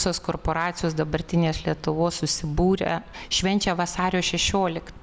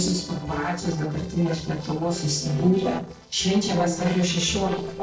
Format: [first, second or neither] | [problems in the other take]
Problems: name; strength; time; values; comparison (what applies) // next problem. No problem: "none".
first | noise reduction (neural separator model SepFormer DNS4)